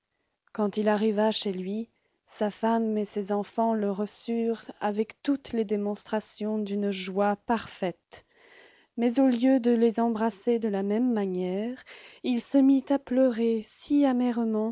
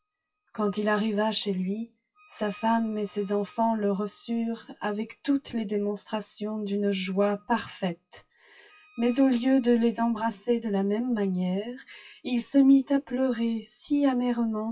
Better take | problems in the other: first | noise reduction (classical method WPE with log-MMSE)

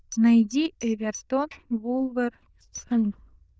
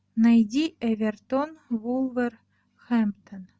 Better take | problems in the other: second | noise reduction (neural diffusion model UNIVERSE++)

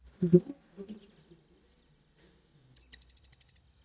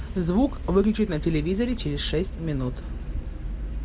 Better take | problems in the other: second | noise reduction (neural mask model DeepFilterNet 3)

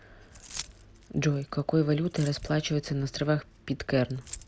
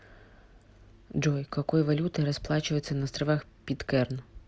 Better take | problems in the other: second | background sound (Keys jangling); 19 dB below the speech

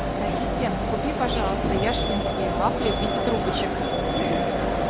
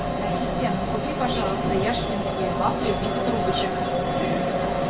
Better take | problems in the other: first | room echo; dies away in 0.2 s

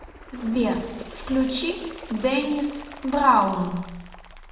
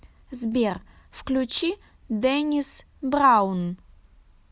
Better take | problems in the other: second | background sound (Bird); 18 dB below the speech // room echo; dies away in 0.8 s

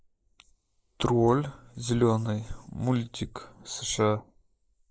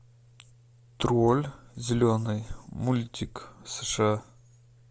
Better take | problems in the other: second | noise reduction (neural mask model Resemble Enhance denoiser)

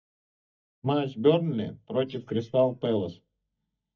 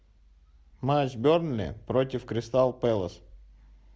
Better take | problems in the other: second | noise reduction (neural mask model DeepFilterNet 3)

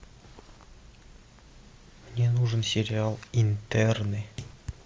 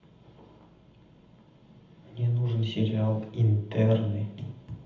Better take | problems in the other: first | room echo; dies away in 0.8 s

